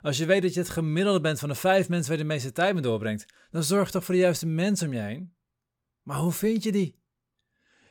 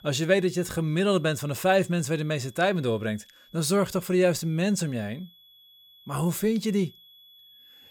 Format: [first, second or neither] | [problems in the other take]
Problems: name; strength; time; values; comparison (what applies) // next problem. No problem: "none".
first | high-pitched whine; faint; throughout; 3.5 kHz, 25 dB below the speech